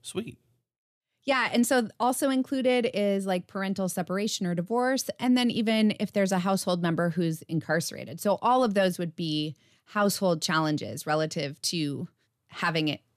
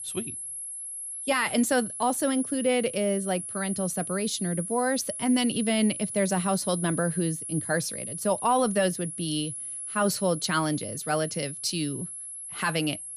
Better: first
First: none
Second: high-pitched whine; loud; throughout; 11 kHz, 6 dB below the speech

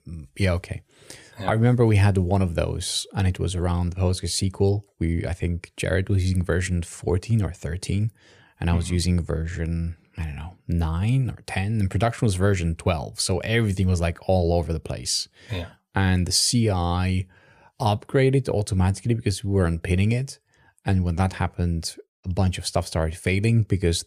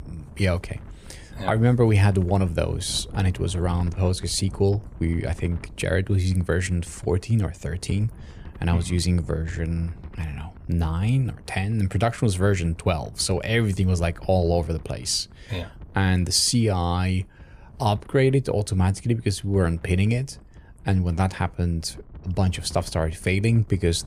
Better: first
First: none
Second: wind noise on the microphone; occasional gusts; 25 dB below the speech

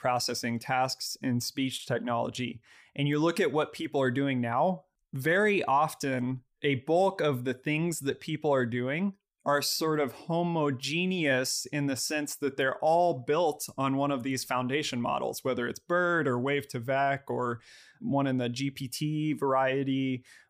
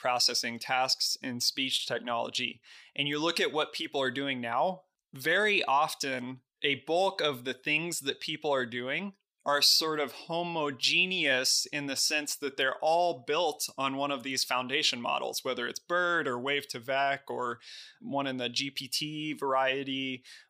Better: first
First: none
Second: thin; very slightly; fading below 1 kHz

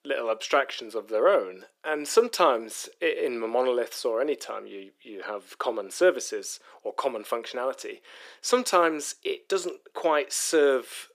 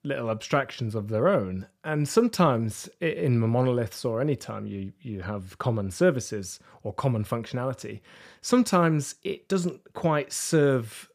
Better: second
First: thin; very; fading below 350 Hz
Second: none

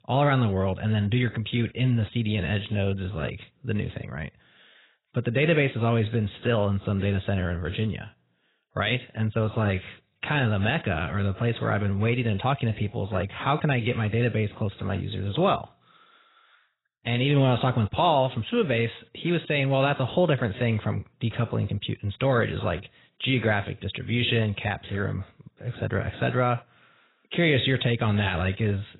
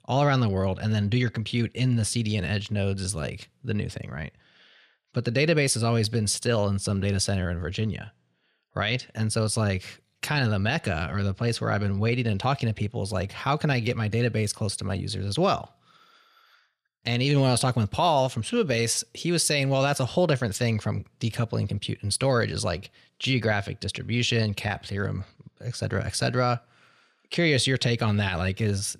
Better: second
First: garbled, watery; badly; nothing above 4 kHz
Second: none

